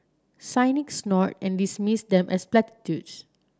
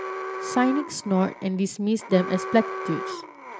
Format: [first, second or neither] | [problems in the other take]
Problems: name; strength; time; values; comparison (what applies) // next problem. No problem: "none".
first | background sound (Alarm); 8 dB below the speech